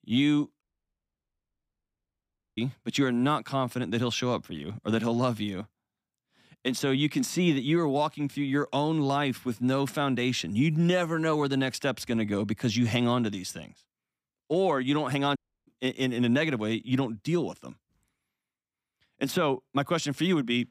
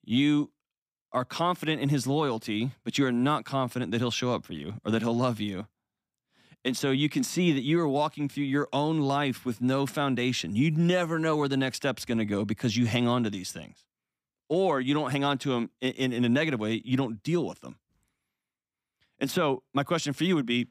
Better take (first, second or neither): second